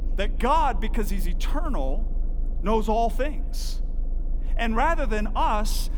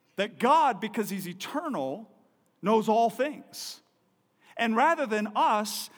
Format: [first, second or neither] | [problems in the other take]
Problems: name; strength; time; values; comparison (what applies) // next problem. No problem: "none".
second | low rumble; faint; throughout; 25 dB below the speech